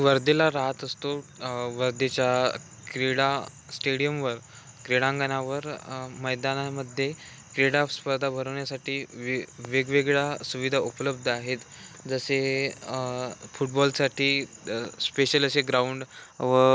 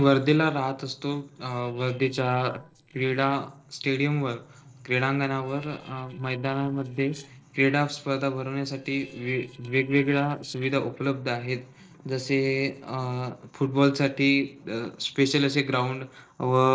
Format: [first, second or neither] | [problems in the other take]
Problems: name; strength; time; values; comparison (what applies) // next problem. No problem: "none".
first | noise reduction (neural separator model SepFormer DNS4)